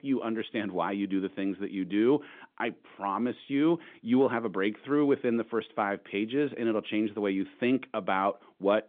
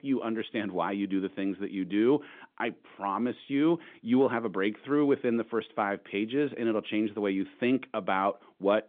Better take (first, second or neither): neither